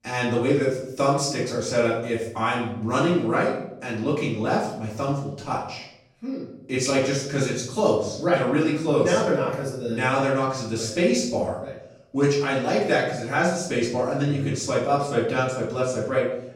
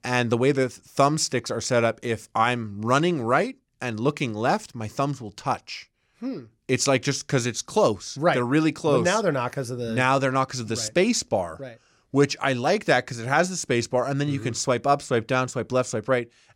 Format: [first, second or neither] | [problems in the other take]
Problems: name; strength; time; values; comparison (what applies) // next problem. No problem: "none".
second | off-mic speech; far // room echo; noticeable; dies away in 0.7 s